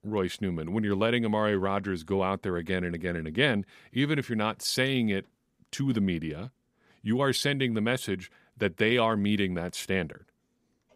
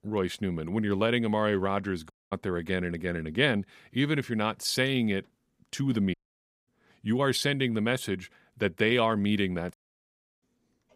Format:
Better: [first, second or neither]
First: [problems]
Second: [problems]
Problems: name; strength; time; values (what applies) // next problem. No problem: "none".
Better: first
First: none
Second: audio cutting out; at 2 s, at 6 s for 0.5 s and at 9.5 s for 0.5 s